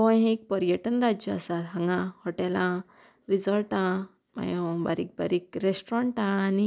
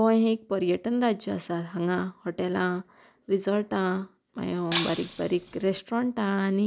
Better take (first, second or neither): first